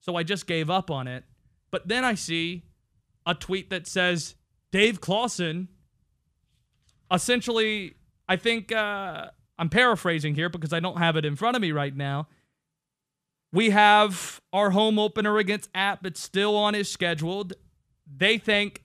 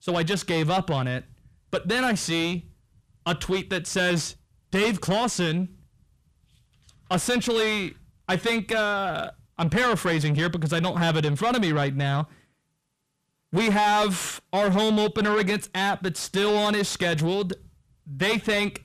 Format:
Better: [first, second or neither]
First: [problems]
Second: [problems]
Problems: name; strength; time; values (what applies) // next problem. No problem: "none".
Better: first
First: none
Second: distortion; heavy; 6 dB below the speech